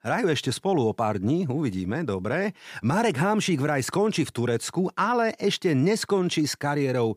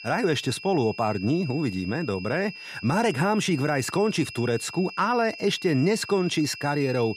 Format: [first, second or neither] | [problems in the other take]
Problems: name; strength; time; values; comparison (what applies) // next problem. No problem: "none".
first | high-pitched whine; noticeable; throughout; 2.5 kHz, 15 dB below the speech